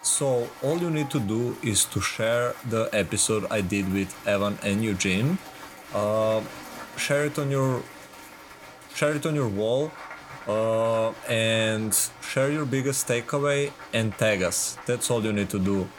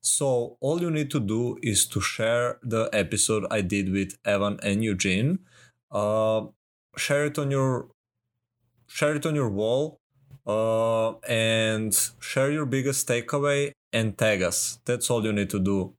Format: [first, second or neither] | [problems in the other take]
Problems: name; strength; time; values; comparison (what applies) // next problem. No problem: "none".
second | crowd noise; noticeable; throughout; 15 dB below the speech